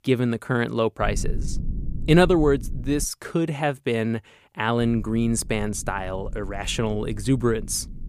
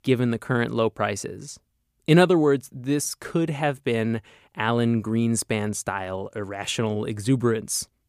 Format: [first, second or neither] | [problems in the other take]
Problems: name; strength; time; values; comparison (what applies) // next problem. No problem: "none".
second | low rumble; faint; from 1 to 3 s and from 5 s on; 25 dB below the speech